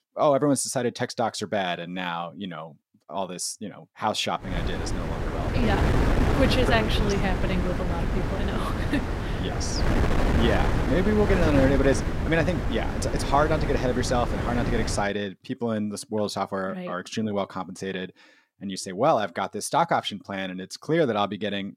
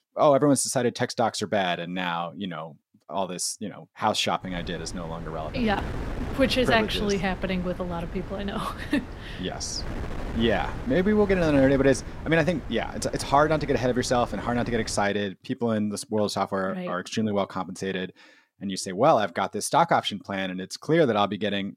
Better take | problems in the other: second | wind noise on the microphone; heavy; from 4.5 to 15 s; 4 dB below the speech; occasional gusts in the second

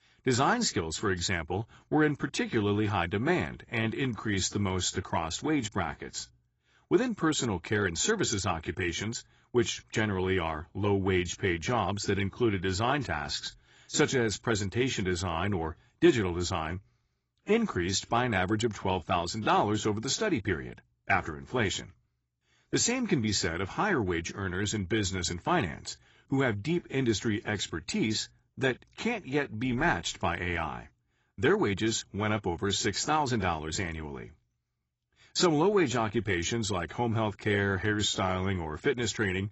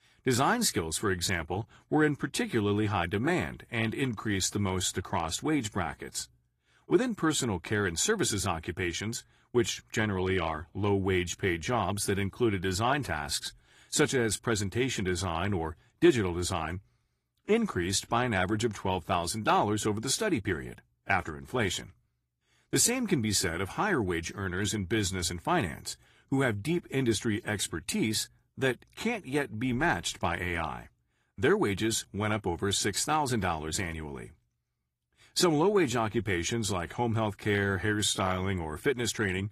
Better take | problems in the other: second | garbled, watery; badly; nothing above 7.5 kHz; slightly in the second

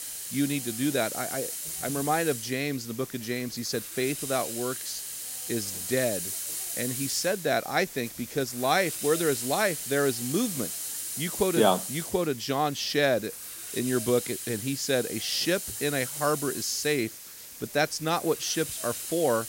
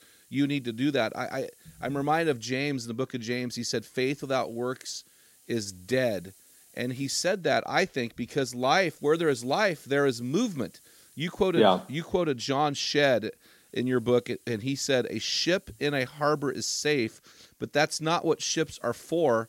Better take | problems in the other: second | hiss; loud; throughout; 5 dB below the speech; faint in the second

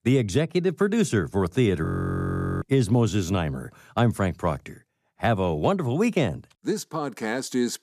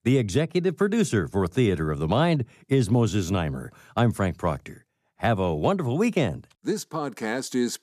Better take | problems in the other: second | audio freezing; at 2 s for 1 s

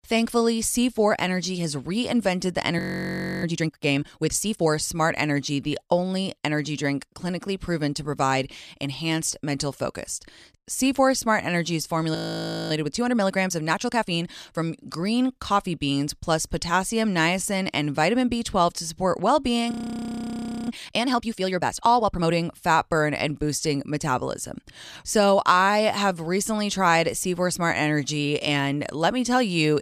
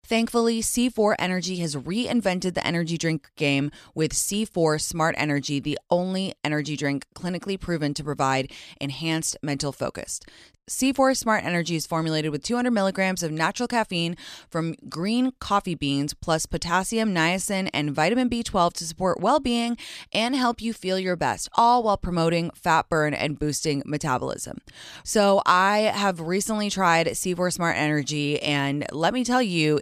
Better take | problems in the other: second | audio freezing; at 3 s for 0.5 s, at 12 s for 0.5 s and at 20 s for 1 s

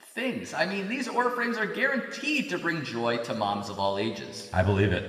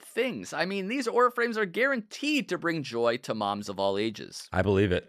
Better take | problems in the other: second | room echo; noticeable; dies away in 1.8 s // off-mic speech; somewhat distant

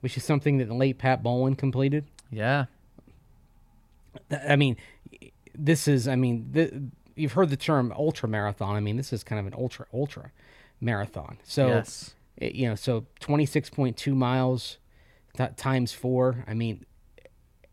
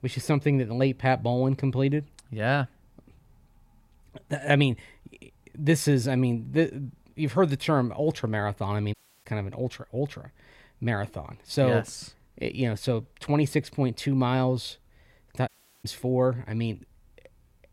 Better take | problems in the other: first | audio cutting out; at 9 s and at 15 s

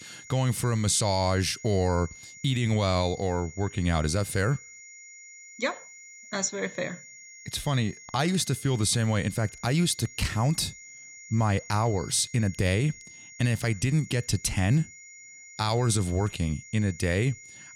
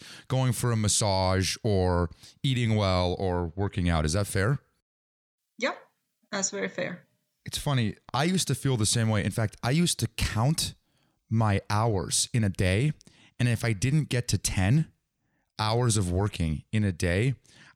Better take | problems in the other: second | high-pitched whine; noticeable; throughout; 2 kHz, 20 dB below the speech

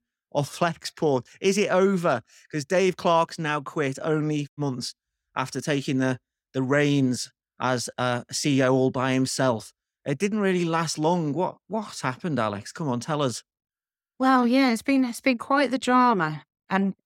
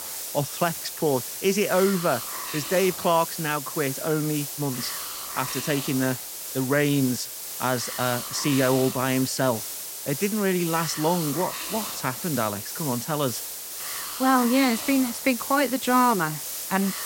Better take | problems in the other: first | hiss; loud; throughout; 6 dB below the speech

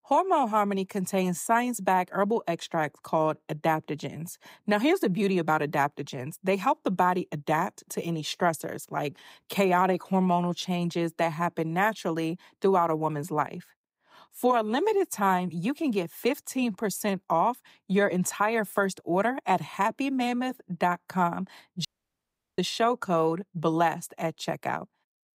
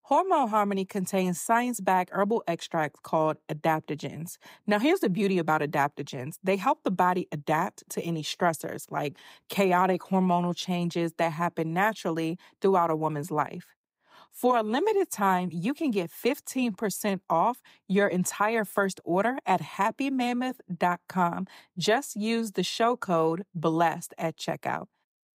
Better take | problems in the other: second | audio cutting out; at 22 s for 0.5 s

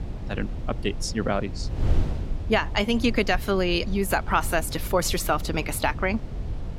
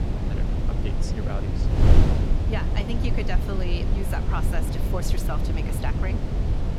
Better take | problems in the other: first | wind noise on the microphone; heavy; as loud as the speech; occasional gusts in the first

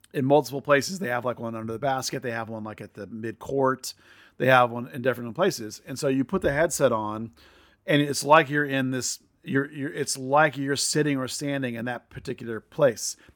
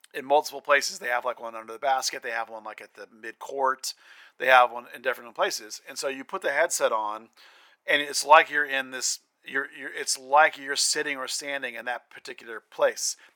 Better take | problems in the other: first | thin; very; fading below 700 Hz

